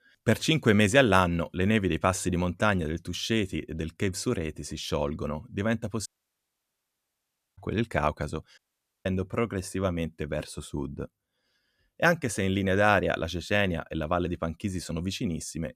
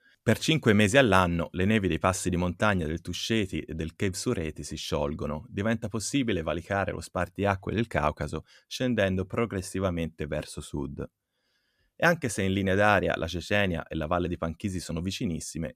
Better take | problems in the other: second | audio cutting out; at 6 s for 1.5 s and at 8.5 s

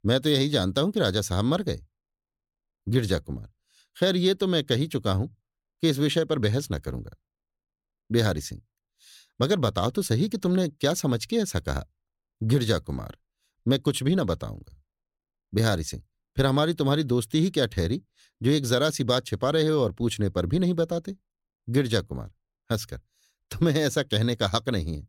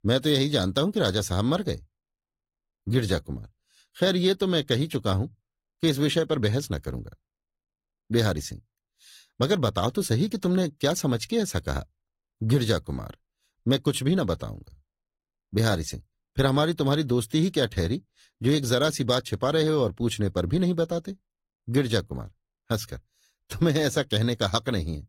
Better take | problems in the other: first | garbled, watery; slightly; nothing above 16.5 kHz

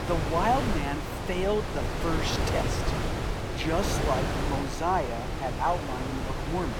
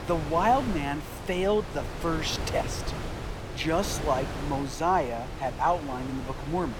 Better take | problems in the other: second | wind noise on the microphone; heavy; 3 dB below the speech; occasional gusts in the second

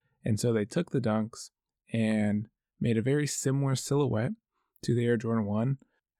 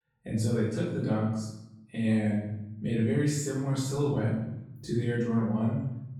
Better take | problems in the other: first | room echo; noticeable; dies away in 0.8 s // off-mic speech; far

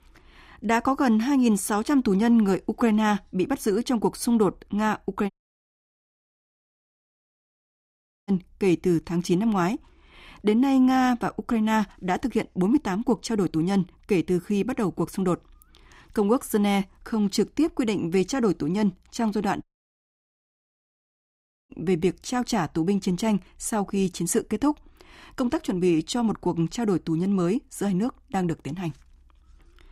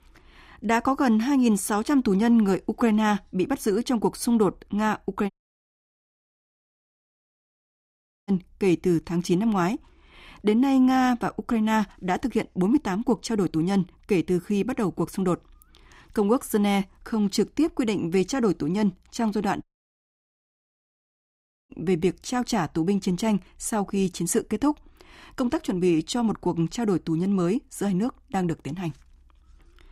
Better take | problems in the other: neither | audio cutting out; at 5.5 s for 3 s and at 20 s for 2 s; the same in both

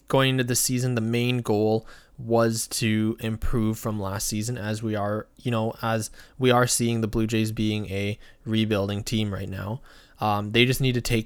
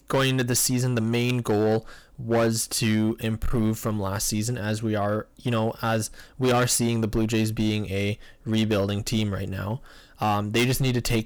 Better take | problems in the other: first | distortion; slight; 8% of the sound clipped

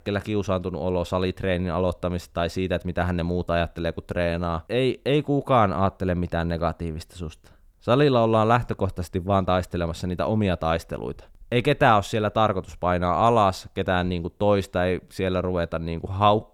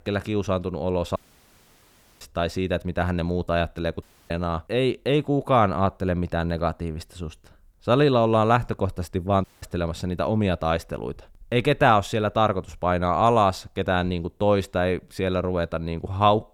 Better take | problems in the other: first | audio cutting out; at 1 s for 1 s, at 4 s and at 9.5 s

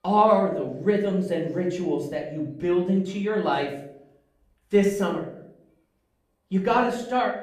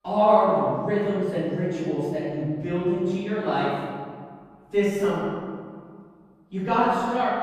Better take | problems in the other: first | room echo; strong; dies away in 1.8 s; slight in the first // off-mic speech; far; far in the first

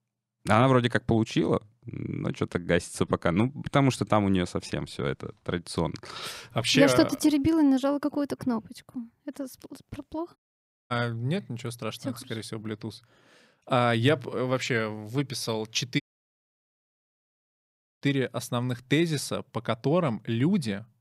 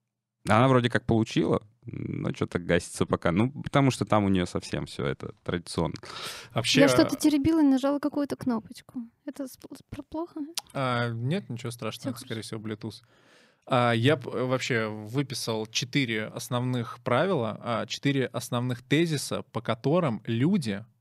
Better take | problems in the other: second | audio cutting out; at 10 s for 0.5 s and at 16 s for 2 s

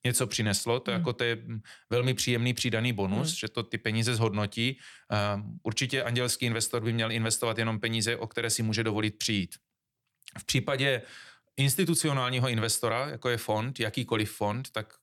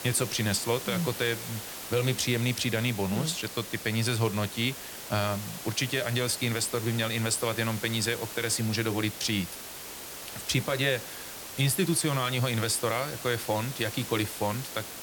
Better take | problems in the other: first | hiss; loud; throughout; 9 dB below the speech

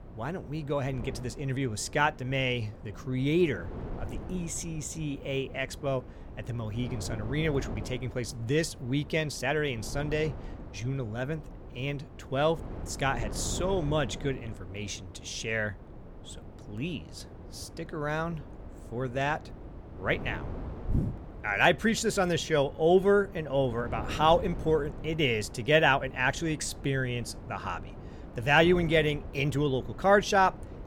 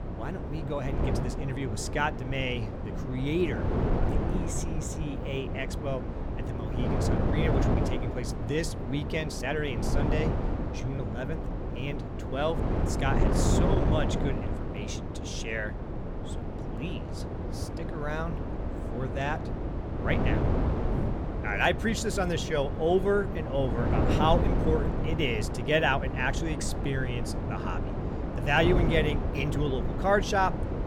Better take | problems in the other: first | wind noise on the microphone; heavy; 5 dB below the speech; occasional gusts in the first

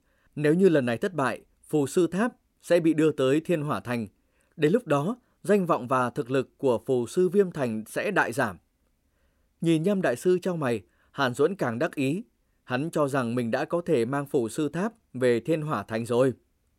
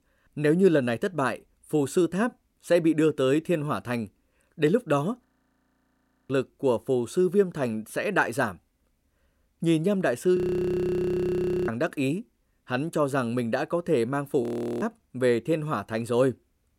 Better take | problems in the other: first | audio freezing; at 5.5 s for 1 s, at 10 s for 1.5 s and at 14 s

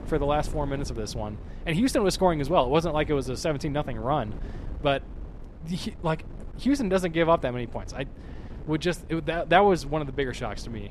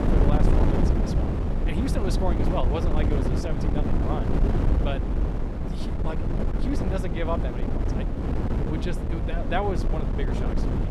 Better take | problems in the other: first | wind noise on the microphone; heavy; as loud as the speech; occasional gusts in the first

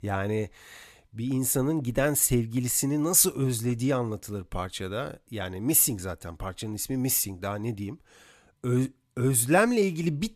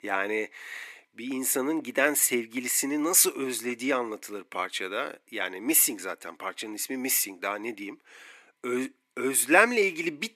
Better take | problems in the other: first | thin; somewhat; fading below 300 Hz

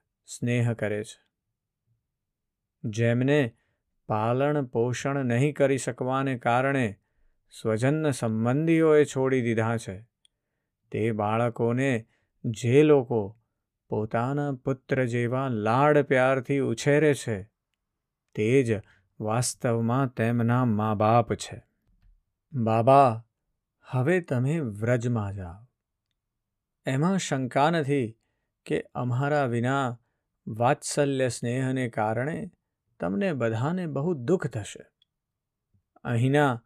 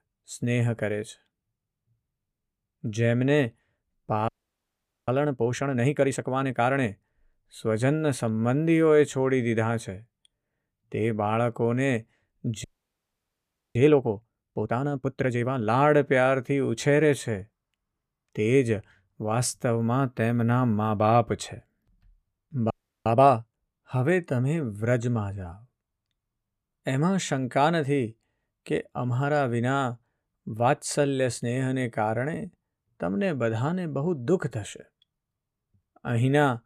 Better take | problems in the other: first | audio freezing; at 4.5 s for 1 s, at 13 s for 1 s and at 23 s

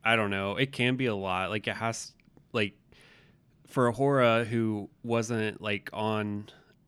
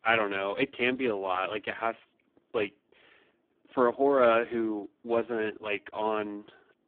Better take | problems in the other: first | phone-call audio; poor line

